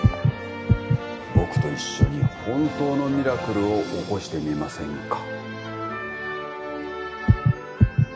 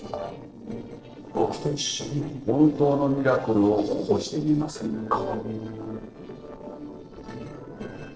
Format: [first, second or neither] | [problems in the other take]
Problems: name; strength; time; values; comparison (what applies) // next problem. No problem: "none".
first | noise reduction (neural separator model SepFormer DNS4)